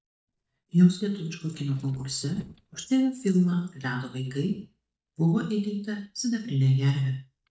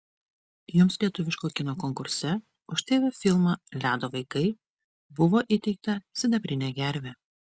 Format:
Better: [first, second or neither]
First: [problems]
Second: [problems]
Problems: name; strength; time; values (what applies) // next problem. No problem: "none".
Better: second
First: noise reduction (neural mask model DeepFilterNet 3)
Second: none